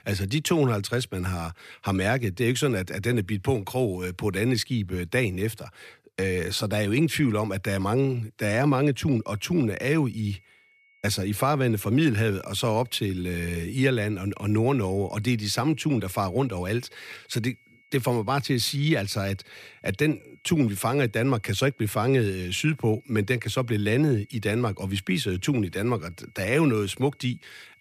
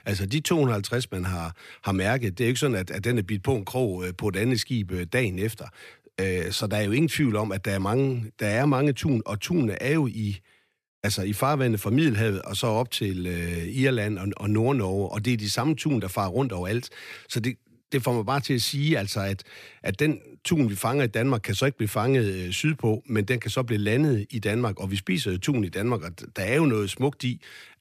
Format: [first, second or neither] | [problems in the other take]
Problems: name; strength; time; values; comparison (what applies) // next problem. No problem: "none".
second | high-pitched whine; faint; from 9 s on; 2 kHz, 30 dB below the speech